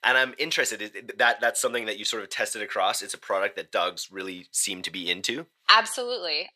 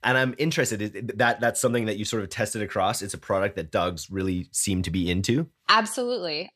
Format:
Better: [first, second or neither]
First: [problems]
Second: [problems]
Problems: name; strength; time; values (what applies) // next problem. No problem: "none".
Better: second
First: thin; very; fading below 500 Hz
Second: none